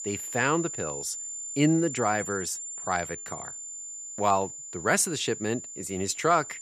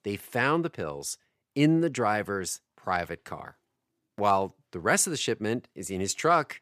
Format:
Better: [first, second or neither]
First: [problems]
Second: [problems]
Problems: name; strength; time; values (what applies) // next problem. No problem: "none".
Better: second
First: high-pitched whine; loud; throughout; 7 kHz, 8 dB below the speech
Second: none